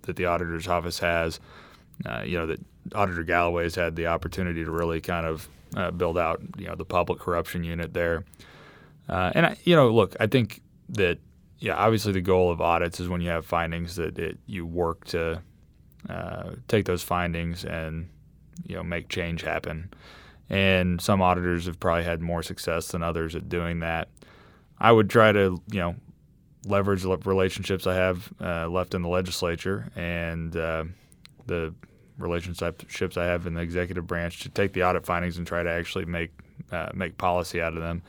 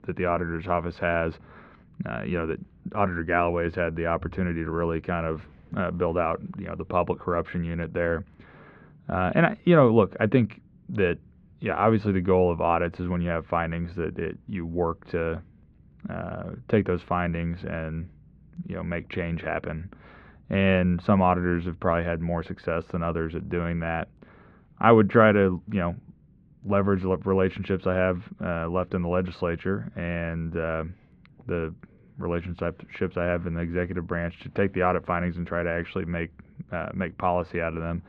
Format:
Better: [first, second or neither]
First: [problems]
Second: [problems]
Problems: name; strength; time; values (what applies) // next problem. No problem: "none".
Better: first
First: none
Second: muffled; very; fading above 2 kHz